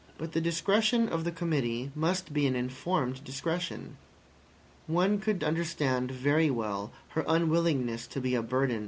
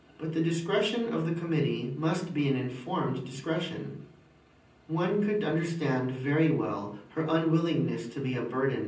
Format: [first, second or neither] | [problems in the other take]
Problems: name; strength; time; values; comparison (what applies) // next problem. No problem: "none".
first | room echo; dies away in 0.6 s